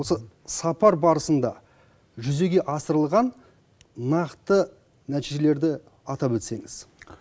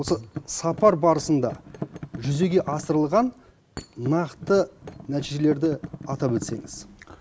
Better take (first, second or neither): first